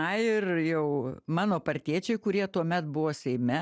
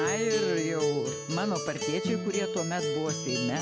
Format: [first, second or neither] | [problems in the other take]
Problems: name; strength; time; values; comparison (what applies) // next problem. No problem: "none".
first | background sound (Acoustic guitar); as loud as the speech